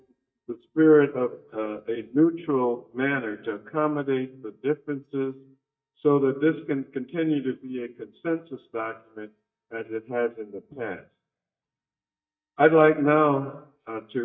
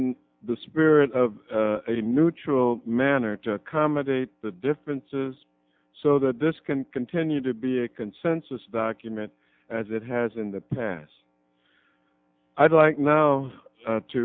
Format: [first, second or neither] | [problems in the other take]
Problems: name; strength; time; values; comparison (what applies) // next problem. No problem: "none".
second | noise reduction (neural mask model DeepFilterNet 3)